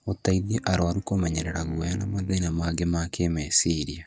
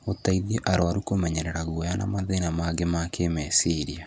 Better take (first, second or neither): second